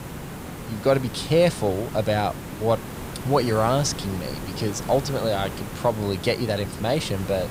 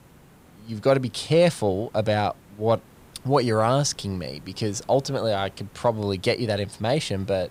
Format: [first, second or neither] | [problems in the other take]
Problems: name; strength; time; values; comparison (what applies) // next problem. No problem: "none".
second | hiss; loud; throughout; 10 dB below the speech; faint in the second